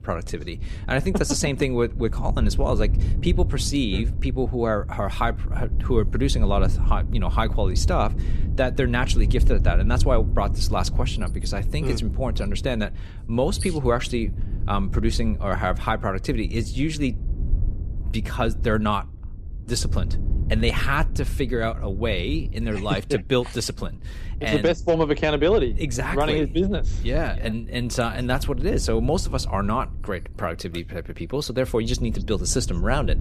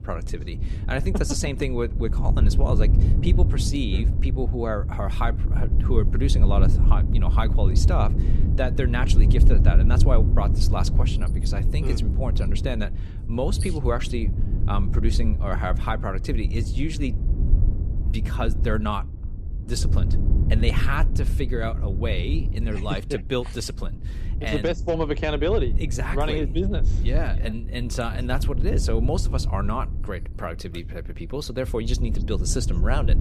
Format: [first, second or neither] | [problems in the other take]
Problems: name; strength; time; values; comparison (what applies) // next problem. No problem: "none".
first | wind noise on the microphone; heavy; 9 dB below the speech; occasional gusts in the first